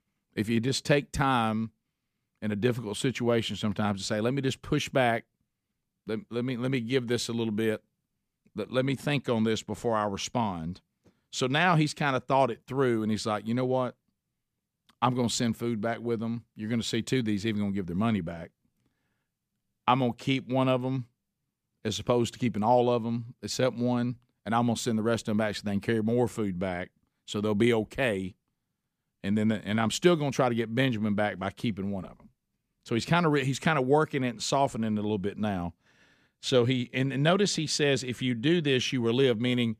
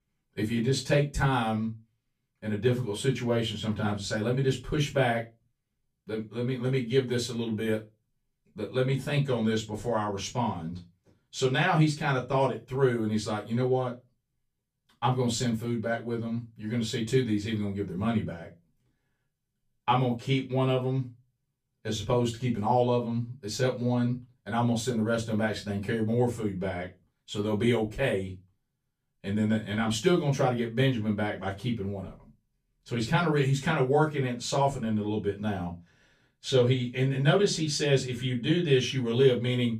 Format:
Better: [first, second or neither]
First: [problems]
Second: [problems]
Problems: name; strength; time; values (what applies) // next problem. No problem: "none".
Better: first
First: none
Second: off-mic speech; far // room echo; very slight; dies away in 0.2 s